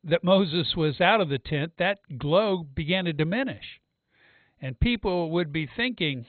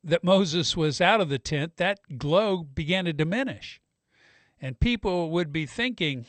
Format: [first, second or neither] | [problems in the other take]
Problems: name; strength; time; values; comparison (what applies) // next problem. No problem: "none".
second | garbled, watery; badly; nothing above 4 kHz; slightly in the second